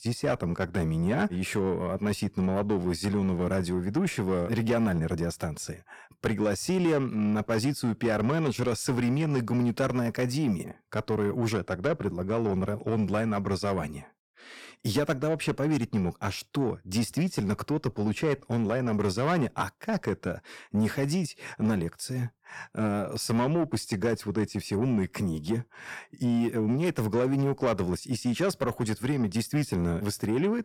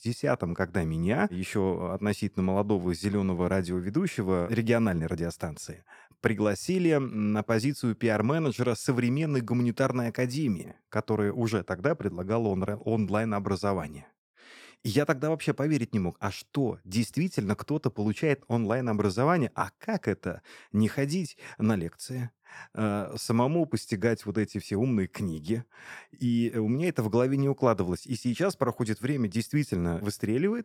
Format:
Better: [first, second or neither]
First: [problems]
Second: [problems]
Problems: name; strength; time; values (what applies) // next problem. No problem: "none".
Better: second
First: distortion; slight; 10 dB below the speech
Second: none